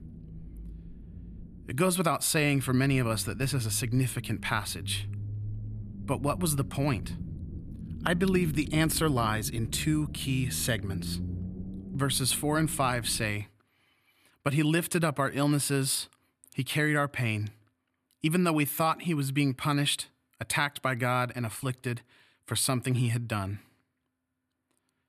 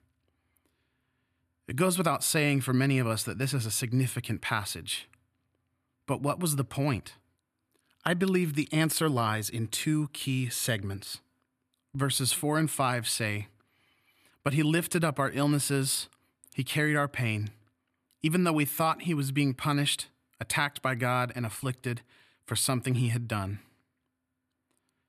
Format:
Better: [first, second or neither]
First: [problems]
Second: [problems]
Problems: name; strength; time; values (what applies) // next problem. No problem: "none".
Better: second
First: low rumble; noticeable; until 13 s; 20 dB below the speech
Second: none